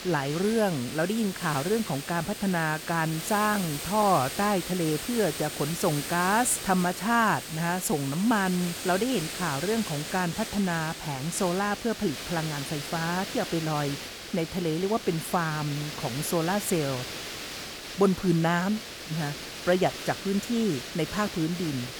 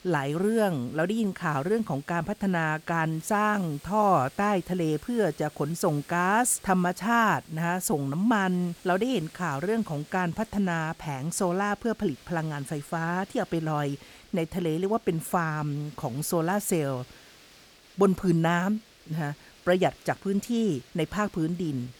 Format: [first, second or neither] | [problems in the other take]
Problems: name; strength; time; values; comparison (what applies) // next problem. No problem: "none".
second | hiss; loud; throughout; 7 dB below the speech; faint in the second